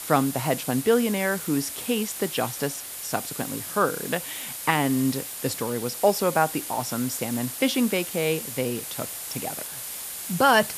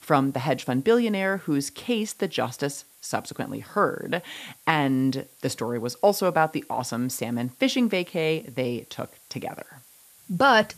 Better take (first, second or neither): second